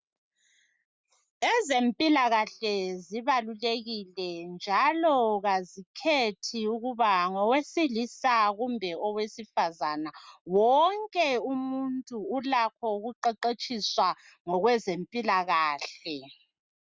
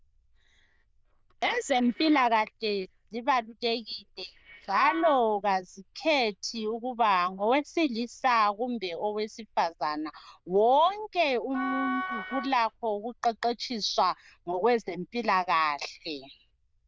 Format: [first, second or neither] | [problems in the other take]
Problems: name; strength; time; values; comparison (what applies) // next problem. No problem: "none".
first | noise reduction (neural diffusion model UNIVERSE++)